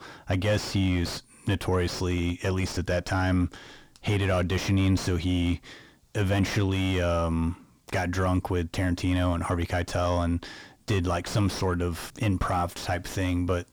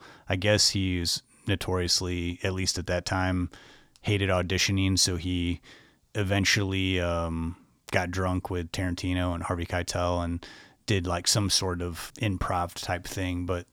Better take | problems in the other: second | distortion; heavy; 5 dB below the speech

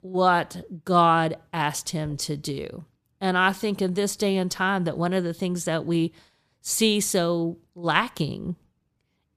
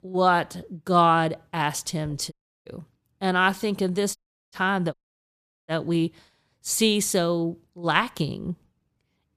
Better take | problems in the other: first | audio cutting out; at 2.5 s, at 4 s and at 5 s for 0.5 s

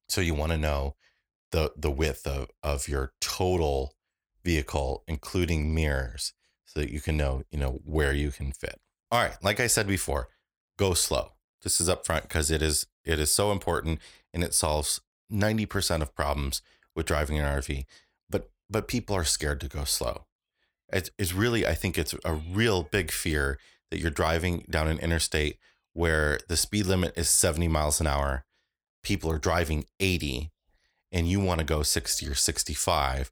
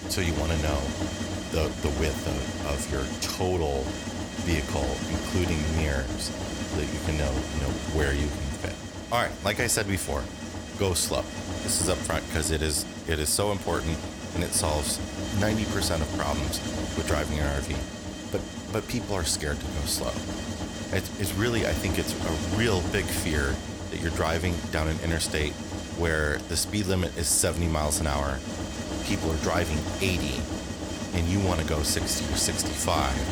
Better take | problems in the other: first | machinery noise; loud; throughout; 4 dB below the speech

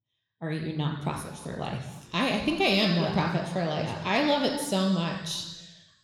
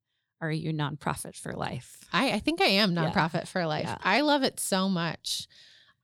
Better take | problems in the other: second | room echo; noticeable; dies away in 1.1 s

